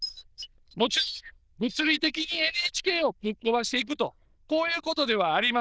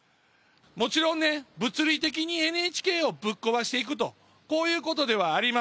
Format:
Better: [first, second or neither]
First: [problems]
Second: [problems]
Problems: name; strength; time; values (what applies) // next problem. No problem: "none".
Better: second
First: noise reduction (neural diffusion model UNIVERSE++)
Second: none